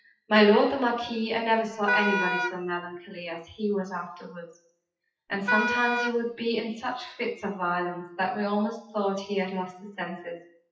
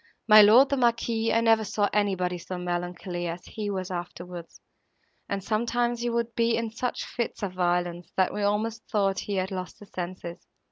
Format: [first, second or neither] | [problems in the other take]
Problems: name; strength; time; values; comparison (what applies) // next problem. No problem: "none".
second | noise reduction (classical method WPE with log-MMSE)